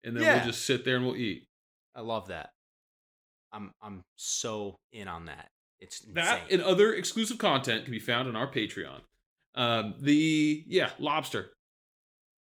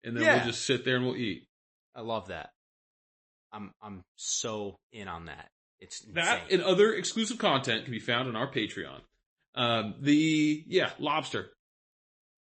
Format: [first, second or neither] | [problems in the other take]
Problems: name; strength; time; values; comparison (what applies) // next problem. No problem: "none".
first | garbled, watery; slightly; nothing above 8 kHz